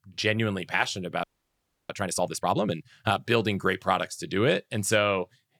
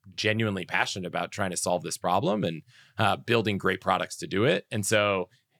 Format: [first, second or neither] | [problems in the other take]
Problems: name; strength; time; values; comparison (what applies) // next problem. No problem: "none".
second | audio freezing; at 1 s for 0.5 s